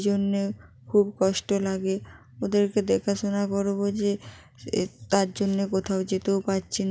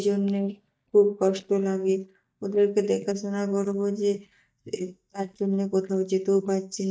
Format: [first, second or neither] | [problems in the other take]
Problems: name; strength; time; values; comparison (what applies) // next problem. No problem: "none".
first | noise reduction (neural mask model DeepFilterNet 3)